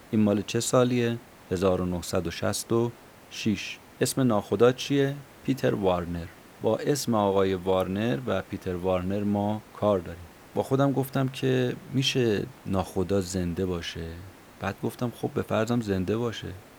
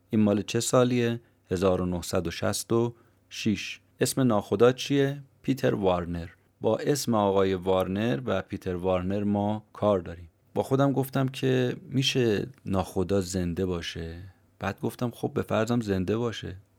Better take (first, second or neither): second